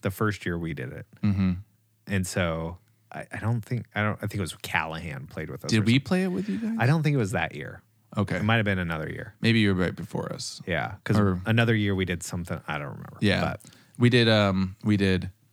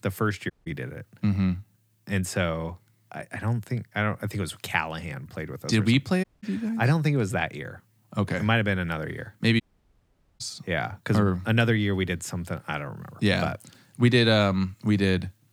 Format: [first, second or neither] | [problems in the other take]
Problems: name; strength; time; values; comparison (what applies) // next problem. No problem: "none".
first | audio cutting out; at 0.5 s, at 6 s and at 9.5 s for 1 s